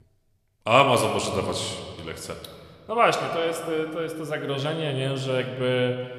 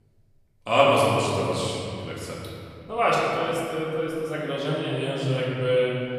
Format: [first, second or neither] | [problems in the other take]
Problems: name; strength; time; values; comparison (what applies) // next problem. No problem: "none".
first | room echo; strong; dies away in 2.7 s; slight in the first // off-mic speech; far